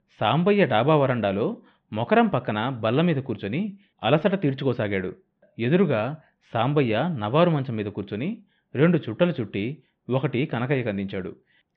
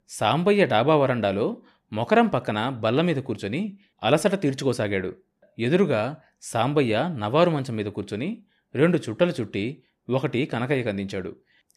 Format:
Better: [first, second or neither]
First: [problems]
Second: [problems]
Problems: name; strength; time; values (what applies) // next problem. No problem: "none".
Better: second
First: muffled; very; fading above 3.5 kHz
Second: none